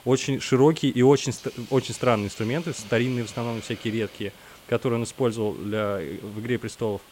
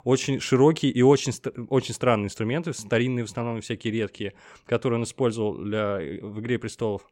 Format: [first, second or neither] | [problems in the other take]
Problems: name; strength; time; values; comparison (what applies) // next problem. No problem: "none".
second | hiss; noticeable; throughout; 20 dB below the speech